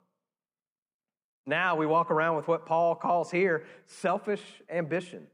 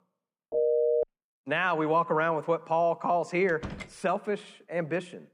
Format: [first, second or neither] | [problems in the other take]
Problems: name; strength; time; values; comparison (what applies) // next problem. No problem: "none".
first | phone ringing; loud; at 0.5 s; peak 3 dB above the speech // door banging; faint; at 3.5 s; peak 10 dB below the speech